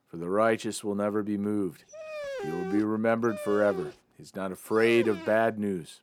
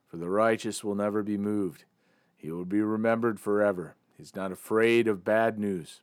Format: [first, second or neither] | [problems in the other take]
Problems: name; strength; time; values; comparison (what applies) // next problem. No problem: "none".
second | dog barking; noticeable; from 2 to 5.5 s; peak 8 dB below the speech